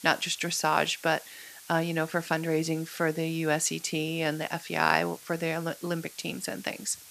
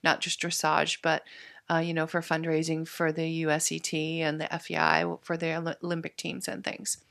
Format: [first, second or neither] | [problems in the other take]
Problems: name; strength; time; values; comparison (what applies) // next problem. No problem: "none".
second | hiss; noticeable; throughout; 20 dB below the speech